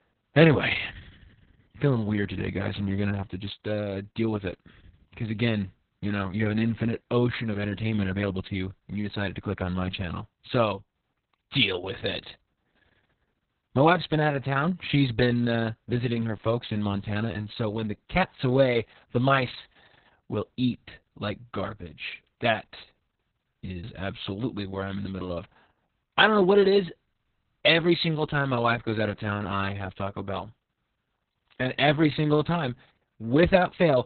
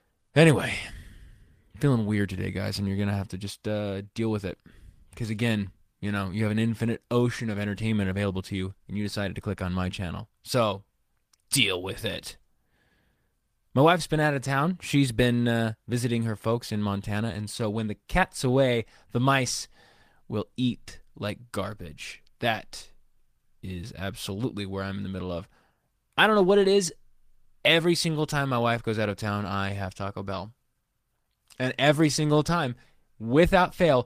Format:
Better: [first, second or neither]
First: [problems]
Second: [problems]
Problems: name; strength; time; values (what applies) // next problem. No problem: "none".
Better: second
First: garbled, watery; badly; nothing above 4 kHz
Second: garbled, watery; slightly; nothing above 15 kHz